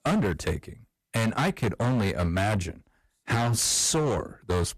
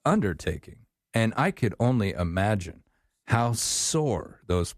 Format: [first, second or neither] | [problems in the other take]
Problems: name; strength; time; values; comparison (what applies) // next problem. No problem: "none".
second | distortion; heavy; 17% of the sound clipped